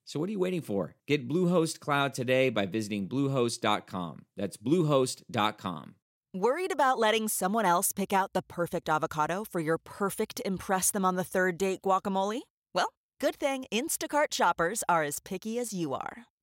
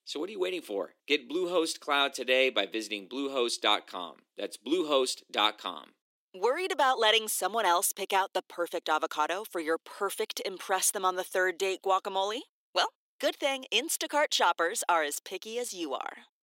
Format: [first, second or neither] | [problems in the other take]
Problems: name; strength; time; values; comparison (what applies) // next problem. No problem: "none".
first | thin; somewhat; fading below 300 Hz